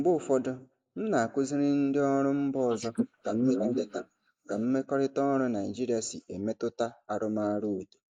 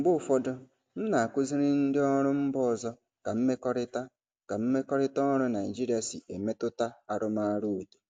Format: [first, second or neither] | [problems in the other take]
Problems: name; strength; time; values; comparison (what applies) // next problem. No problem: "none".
second | noise reduction (neural mask model Resemble Enhance denoiser)